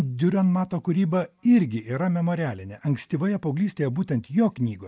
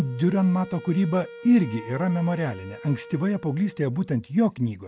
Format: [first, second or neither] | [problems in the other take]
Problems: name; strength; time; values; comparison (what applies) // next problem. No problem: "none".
first | background sound (Wind instrument, woodwind instrument); 19 dB below the speech